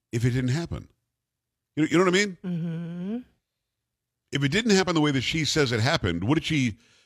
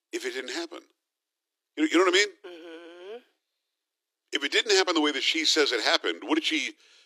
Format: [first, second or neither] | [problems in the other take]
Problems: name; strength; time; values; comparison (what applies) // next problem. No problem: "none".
first | thin; very; fading below 300 Hz